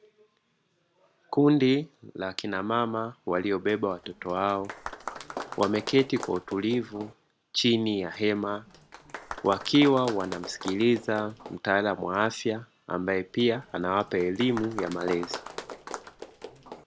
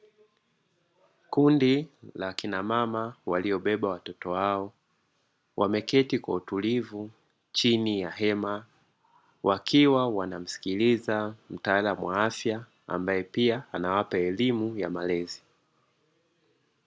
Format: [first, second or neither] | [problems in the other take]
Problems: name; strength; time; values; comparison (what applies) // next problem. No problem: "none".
second | background sound (Applause); 13 dB below the speech